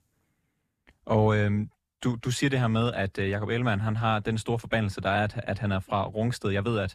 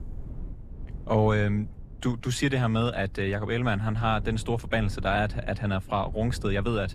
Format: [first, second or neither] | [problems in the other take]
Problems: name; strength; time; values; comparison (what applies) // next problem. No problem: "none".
first | low rumble; faint; throughout; 25 dB below the speech